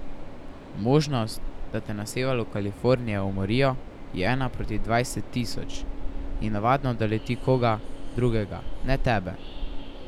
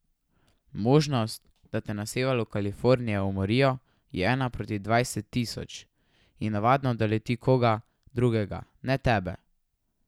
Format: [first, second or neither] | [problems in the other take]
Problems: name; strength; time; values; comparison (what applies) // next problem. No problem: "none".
second | background sound (Train); 4 dB below the speech